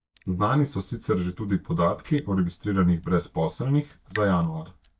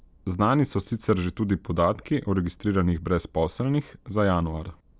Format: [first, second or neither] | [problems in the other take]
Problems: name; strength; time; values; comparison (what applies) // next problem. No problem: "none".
second | noise reduction (neural mask model DeepFilterNet 3)